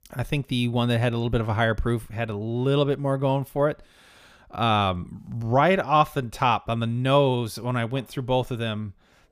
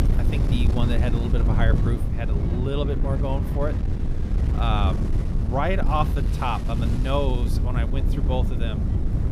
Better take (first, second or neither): first